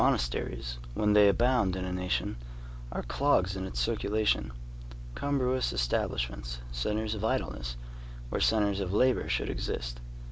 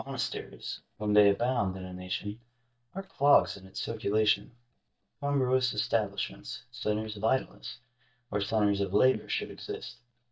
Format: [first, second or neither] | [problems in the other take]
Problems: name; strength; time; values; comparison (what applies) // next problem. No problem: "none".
first | noise reduction (neural mask model DeepFilterNet 3)